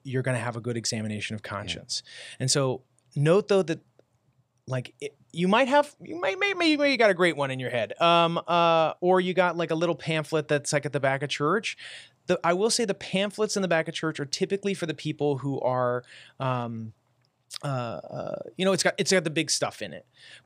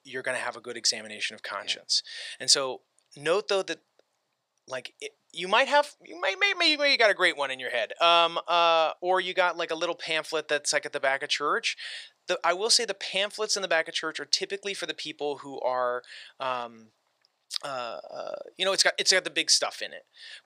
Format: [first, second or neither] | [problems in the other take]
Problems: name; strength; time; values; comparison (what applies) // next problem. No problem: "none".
first | thin; very; fading below 550 Hz